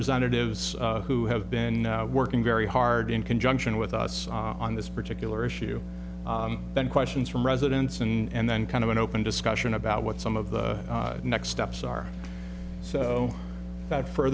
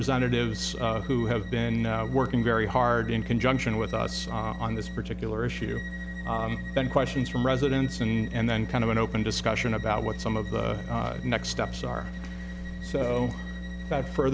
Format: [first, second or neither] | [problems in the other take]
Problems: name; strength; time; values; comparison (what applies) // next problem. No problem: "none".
first | background sound (Bowed string instrument); 18 dB below the speech